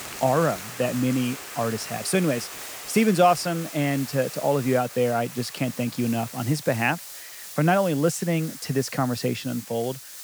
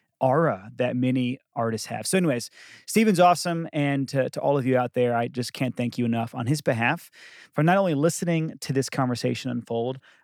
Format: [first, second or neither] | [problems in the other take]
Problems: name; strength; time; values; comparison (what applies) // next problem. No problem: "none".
second | hiss; noticeable; throughout; 10 dB below the speech